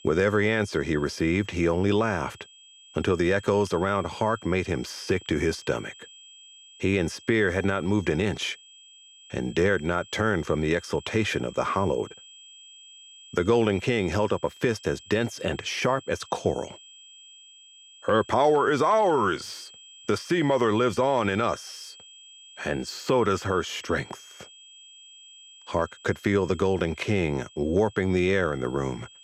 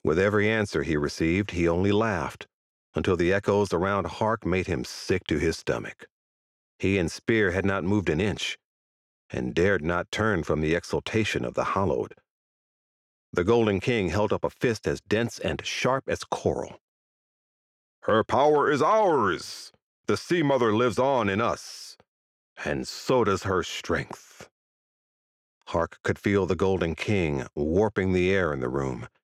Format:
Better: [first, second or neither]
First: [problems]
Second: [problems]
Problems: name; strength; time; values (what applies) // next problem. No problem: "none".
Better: second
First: high-pitched whine; faint; throughout; 3 kHz, 20 dB below the speech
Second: none